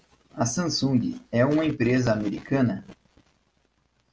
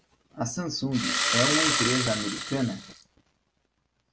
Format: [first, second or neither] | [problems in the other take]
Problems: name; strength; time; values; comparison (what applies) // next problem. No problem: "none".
first | background sound (Engine starting); 3 dB above the speech